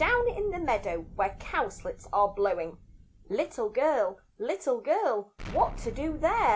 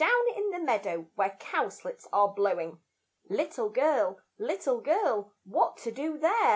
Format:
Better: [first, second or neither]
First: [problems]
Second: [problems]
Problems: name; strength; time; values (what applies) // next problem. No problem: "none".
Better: second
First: background sound (Explosion); 14 dB below the speech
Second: none